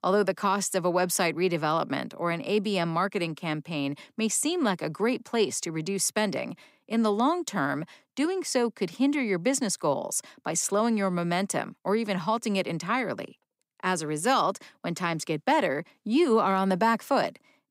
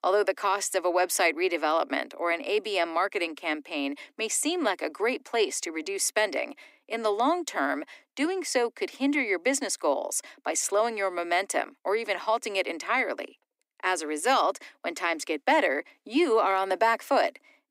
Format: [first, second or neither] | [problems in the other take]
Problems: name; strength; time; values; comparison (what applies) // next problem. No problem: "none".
first | thin; somewhat; fading below 300 Hz